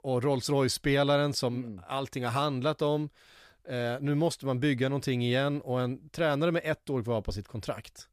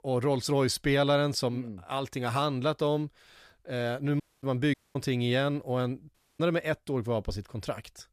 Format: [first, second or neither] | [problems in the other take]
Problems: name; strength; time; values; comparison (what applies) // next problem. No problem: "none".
first | audio cutting out; at 4 s, at 4.5 s and at 6 s